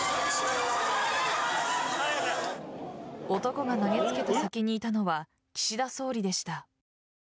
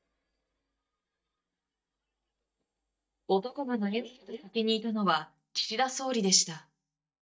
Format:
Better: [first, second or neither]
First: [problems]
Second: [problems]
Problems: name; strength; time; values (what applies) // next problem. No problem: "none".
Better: first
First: none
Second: noise reduction (neural mask model DeepFilterNet 3)